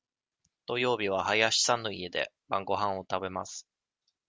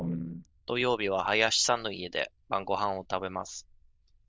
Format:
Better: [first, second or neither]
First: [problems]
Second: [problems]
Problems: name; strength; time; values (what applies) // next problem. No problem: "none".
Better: first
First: none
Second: noise reduction (neural diffusion model UNIVERSE++)